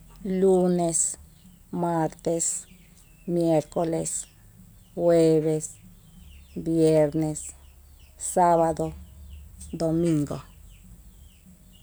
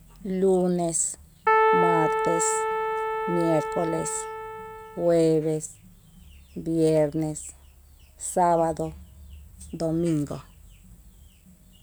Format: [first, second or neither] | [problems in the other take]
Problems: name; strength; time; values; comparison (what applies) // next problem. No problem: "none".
first | background sound (Keyboard (musical)); 2 dB above the speech